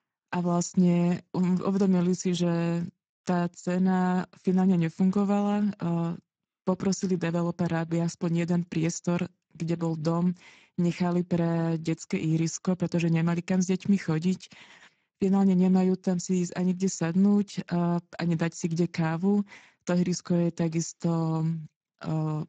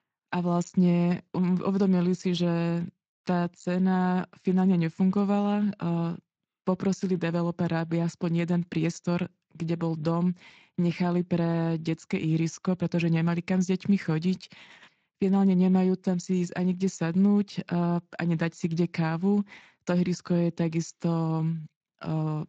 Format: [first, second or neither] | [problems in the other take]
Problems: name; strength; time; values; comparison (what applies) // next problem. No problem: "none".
second | garbled, watery; badly; nothing above 7.5 kHz; slightly in the second